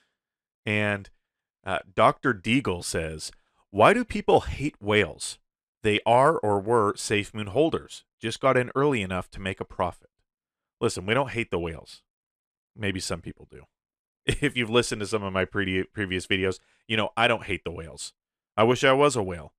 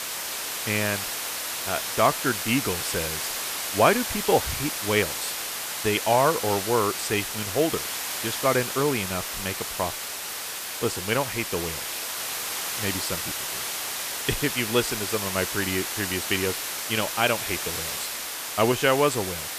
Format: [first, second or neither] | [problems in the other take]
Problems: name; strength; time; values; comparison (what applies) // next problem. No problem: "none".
first | hiss; loud; throughout; 2 dB below the speech